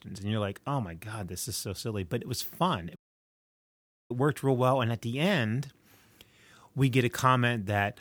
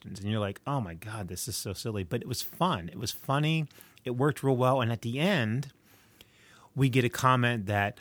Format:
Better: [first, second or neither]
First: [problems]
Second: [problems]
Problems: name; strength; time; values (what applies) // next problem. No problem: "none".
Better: second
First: audio cutting out; at 3 s for 1 s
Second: none